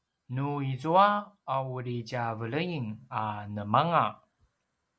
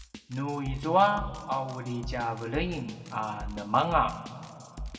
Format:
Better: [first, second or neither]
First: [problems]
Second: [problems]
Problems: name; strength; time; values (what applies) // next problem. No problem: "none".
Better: first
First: none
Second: background sound (Drum kit); 12 dB below the speech // room echo; dies away in 2 s